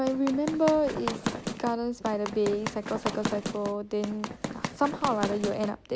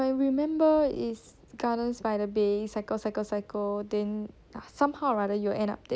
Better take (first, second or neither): second